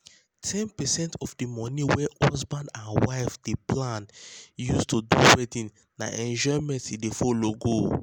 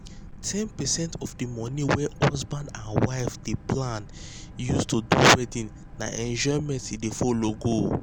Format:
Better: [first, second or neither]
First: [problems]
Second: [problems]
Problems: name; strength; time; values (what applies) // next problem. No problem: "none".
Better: first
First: none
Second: background sound (Boat, Water vehicle); 15 dB below the speech